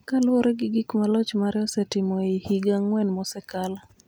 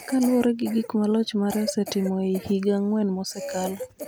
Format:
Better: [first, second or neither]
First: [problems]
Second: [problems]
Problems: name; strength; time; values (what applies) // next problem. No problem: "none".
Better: first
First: none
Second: background sound (Cough); 14 dB below the speech